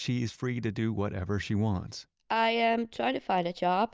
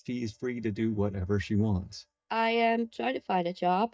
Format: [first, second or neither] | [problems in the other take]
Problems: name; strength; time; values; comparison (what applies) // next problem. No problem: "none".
first | noise reduction (neural mask model DeepFilterNet 3)